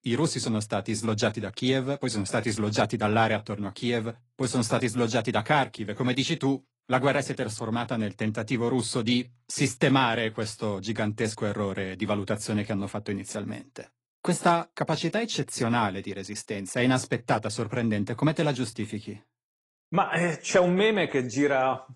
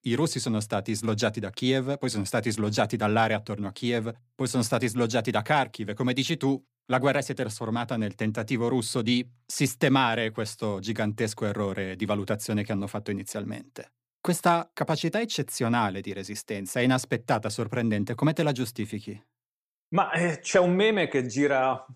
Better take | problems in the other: second | garbled, watery; slightly; nothing above 10.5 kHz

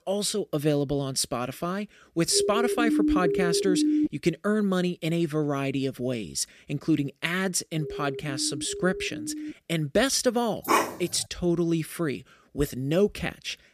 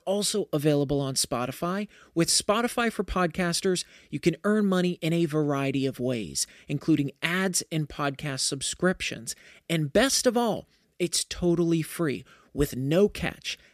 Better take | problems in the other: second | siren; loud; from 2.5 to 4 s; peak 4 dB above the speech // siren; noticeable; from 8 to 9.5 s; peak 8 dB below the speech // dog barking; loud; at 11 s; peak 3 dB above the speech

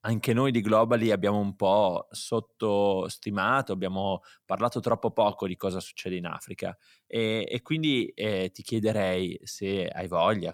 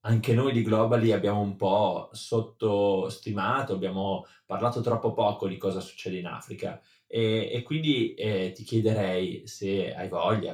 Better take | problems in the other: first | room echo; very slight; dies away in 0.3 s // off-mic speech; somewhat distant

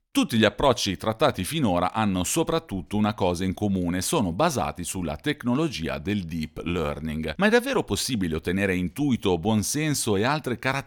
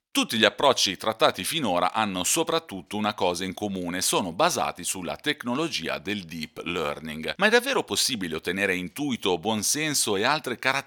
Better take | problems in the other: first | thin; very slightly; fading below 550 Hz

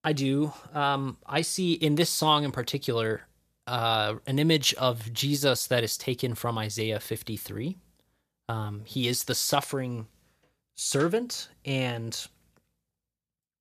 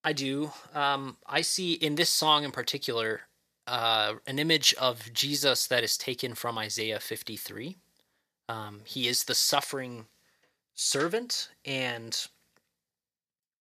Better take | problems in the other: first | thin; very slightly; fading below 400 Hz

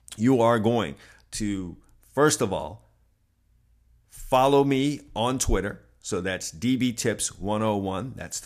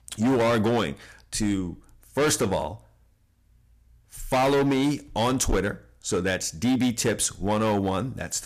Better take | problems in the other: first | distortion; heavy; 11% of the sound clipped

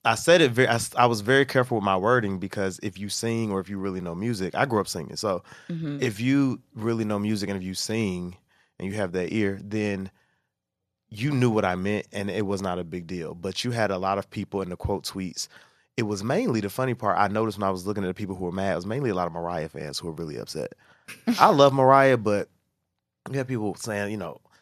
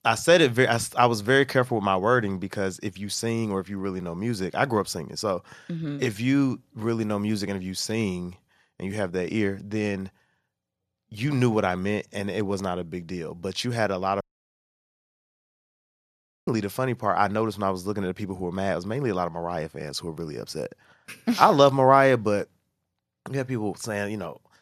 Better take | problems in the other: first | audio cutting out; at 14 s for 2.5 s

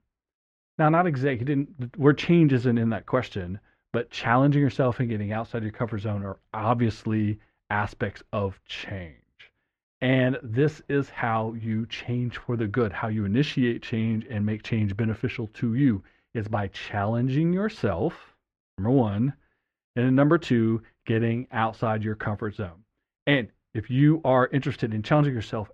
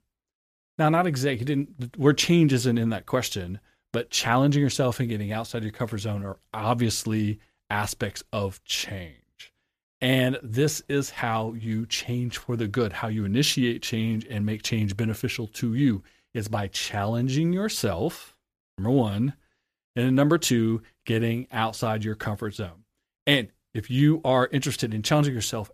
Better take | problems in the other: second | muffled; very; fading above 2 kHz

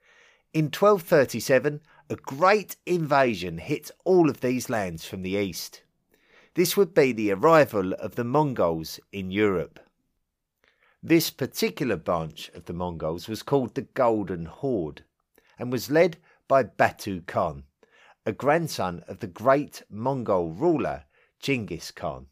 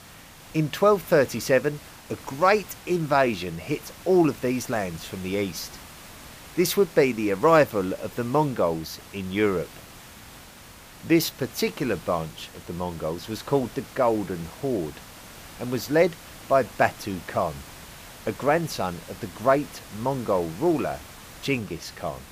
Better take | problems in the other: first | hiss; noticeable; throughout; 20 dB below the speech

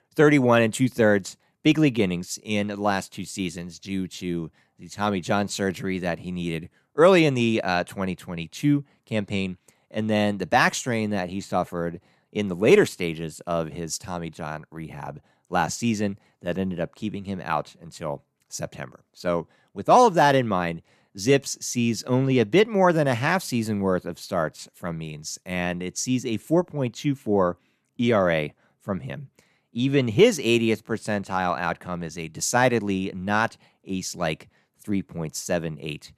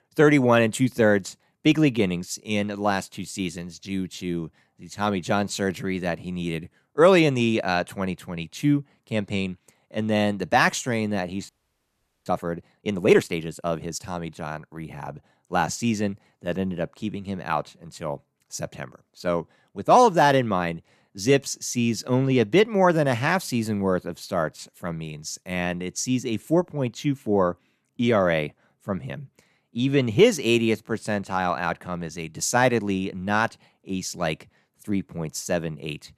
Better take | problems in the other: first | audio freezing; at 11 s for 1 s

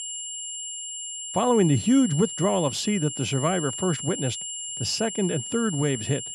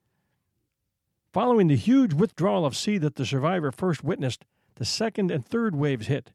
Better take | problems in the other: second | high-pitched whine; loud; throughout; 7.5 kHz, 7 dB below the speech

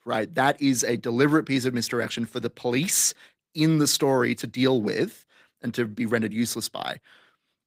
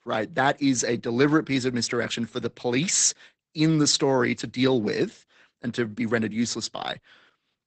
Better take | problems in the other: first | garbled, watery; badly; nothing above 8 kHz; slightly in the first

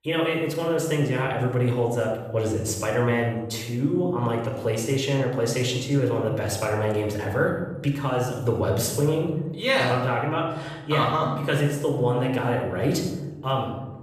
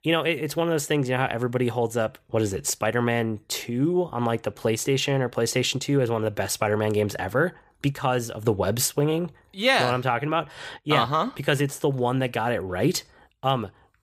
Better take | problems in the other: second | off-mic speech; far // room echo; noticeable; dies away in 1 s

